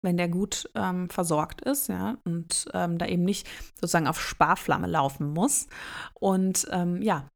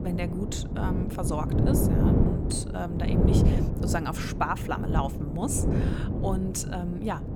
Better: first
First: none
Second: wind noise on the microphone; heavy; 1 dB below the speech

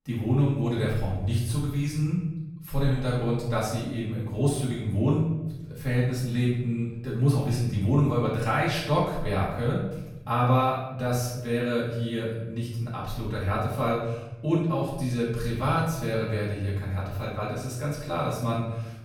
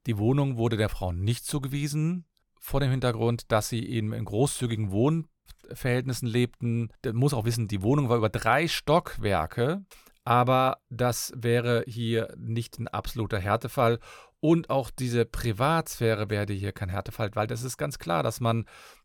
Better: second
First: room echo; noticeable; dies away in 1 s // off-mic speech; far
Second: none

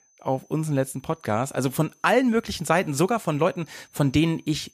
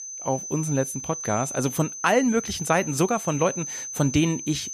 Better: first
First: high-pitched whine; faint; throughout; 6 kHz, 35 dB below the speech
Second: high-pitched whine; loud; throughout; 6 kHz, 7 dB below the speech

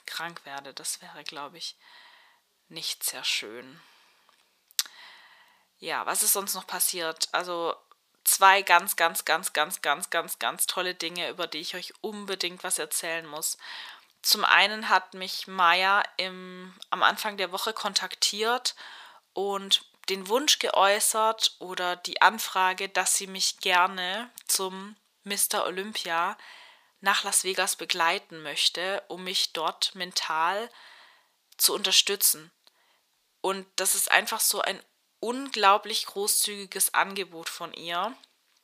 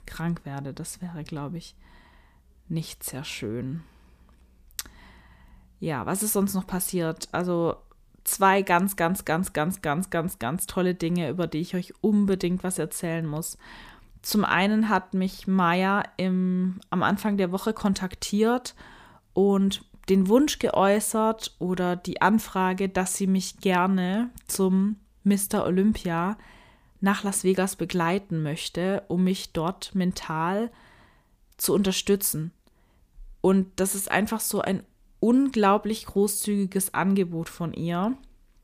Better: second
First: thin; very; fading below 750 Hz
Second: none

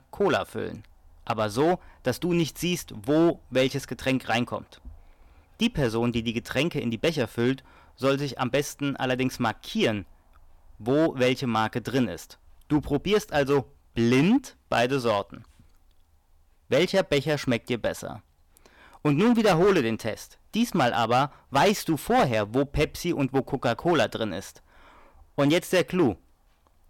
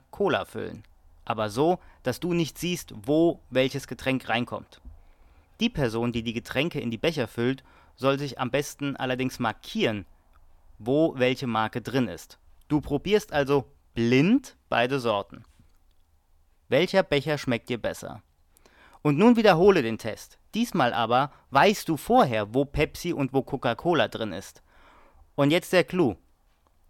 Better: second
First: distortion; slight; 5% of the sound clipped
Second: none

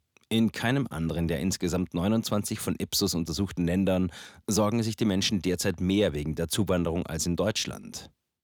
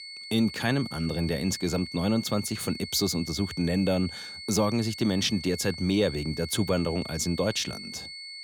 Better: first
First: none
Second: high-pitched whine; noticeable; throughout; 4.5 kHz, 10 dB below the speech

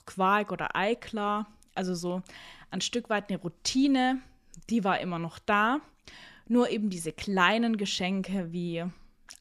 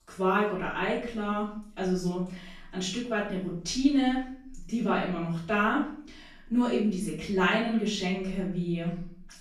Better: first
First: none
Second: off-mic speech; far // room echo; noticeable; dies away in 0.5 s

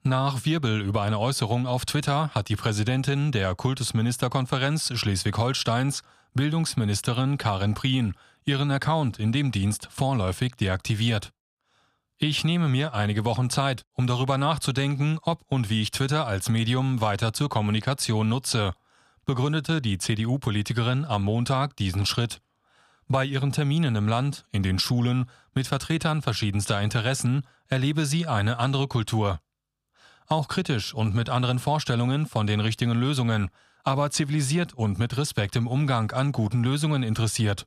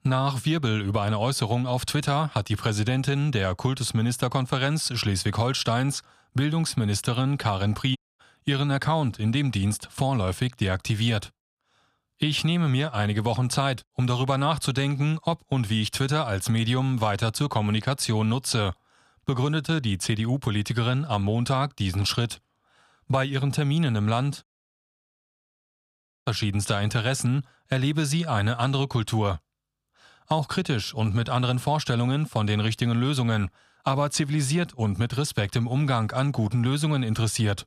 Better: first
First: none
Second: audio cutting out; at 8 s and at 24 s for 2 s

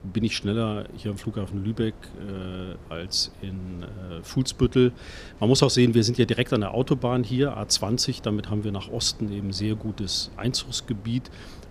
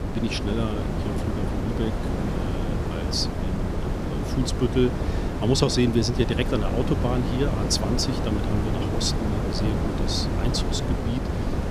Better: first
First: wind noise on the microphone; occasional gusts; 25 dB below the speech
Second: wind noise on the microphone; heavy; 3 dB below the speech

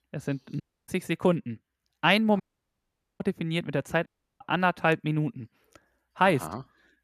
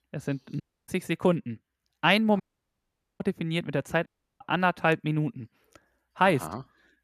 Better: neither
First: audio cutting out; at 0.5 s, at 2.5 s for 1 s and at 4 s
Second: audio cutting out; at 0.5 s, at 2.5 s for 1 s and at 4 s

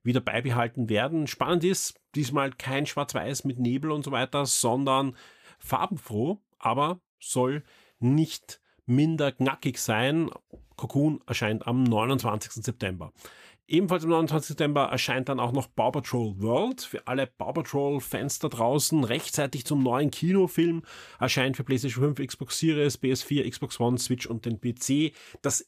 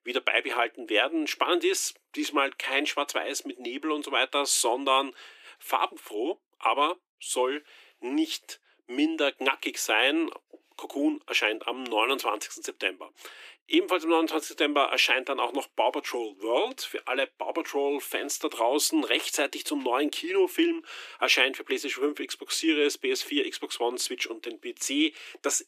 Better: first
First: none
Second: thin; somewhat; fading below 300 Hz

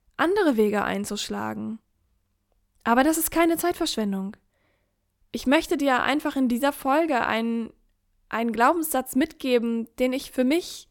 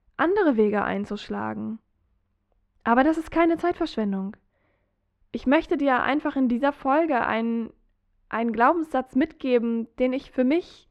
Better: first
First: none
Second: muffled; slightly; fading above 2.5 kHz

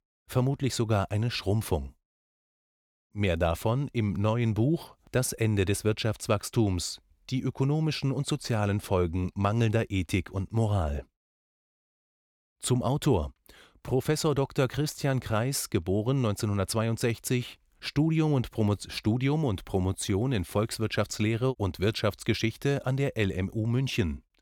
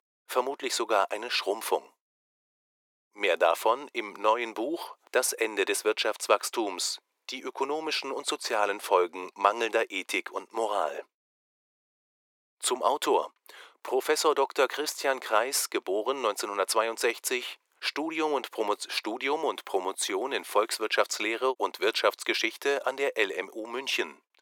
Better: first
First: none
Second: thin; very; fading below 400 Hz

